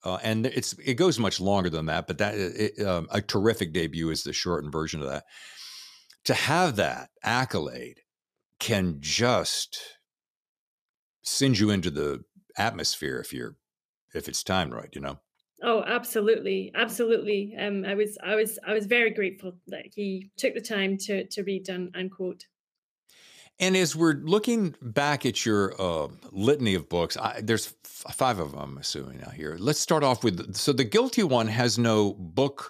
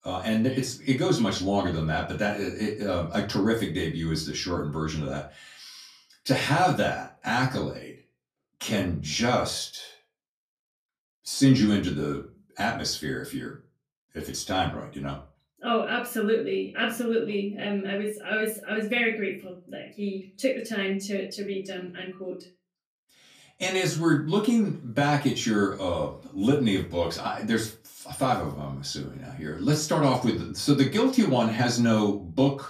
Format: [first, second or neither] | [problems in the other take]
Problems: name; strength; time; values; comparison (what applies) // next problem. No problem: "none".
first | off-mic speech; far // room echo; very slight; dies away in 0.3 s